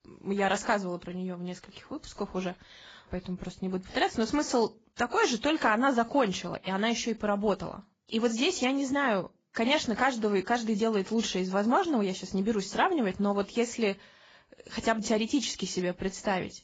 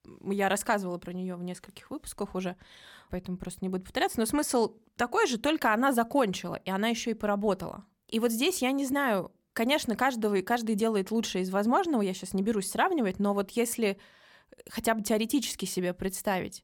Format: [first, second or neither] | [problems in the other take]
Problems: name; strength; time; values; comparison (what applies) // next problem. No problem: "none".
second | garbled, watery; badly; nothing above 7.5 kHz